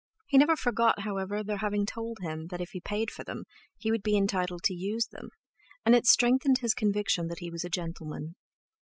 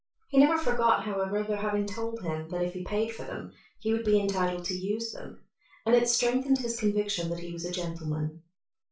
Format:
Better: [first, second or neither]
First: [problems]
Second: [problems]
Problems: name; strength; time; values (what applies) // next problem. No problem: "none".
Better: first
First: none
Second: room echo; dies away in 0.2 s